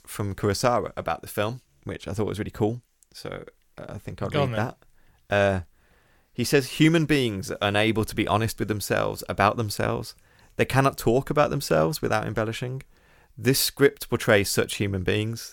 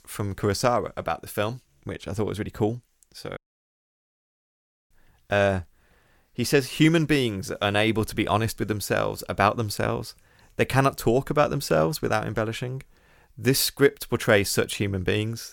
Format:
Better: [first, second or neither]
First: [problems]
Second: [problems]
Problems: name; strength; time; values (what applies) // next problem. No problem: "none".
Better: first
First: none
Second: audio cutting out; at 3.5 s for 1.5 s